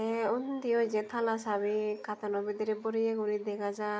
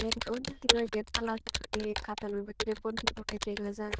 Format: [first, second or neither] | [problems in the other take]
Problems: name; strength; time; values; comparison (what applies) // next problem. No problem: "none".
first | noise reduction (neural diffusion model UNIVERSE++)